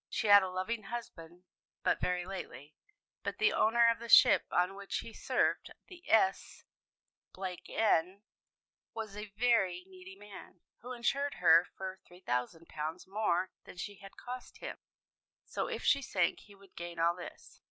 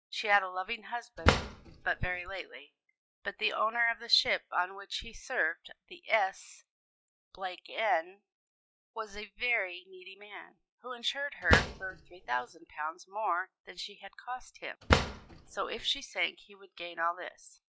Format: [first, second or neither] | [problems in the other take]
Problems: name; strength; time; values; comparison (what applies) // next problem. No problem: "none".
first | noise reduction (classical method log-MMSE)